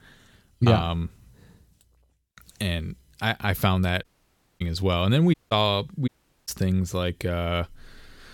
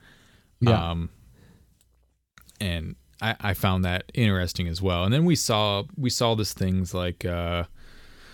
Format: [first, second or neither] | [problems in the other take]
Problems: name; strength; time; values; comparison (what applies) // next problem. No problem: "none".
second | audio cutting out; at 4 s for 0.5 s, at 5.5 s and at 6 s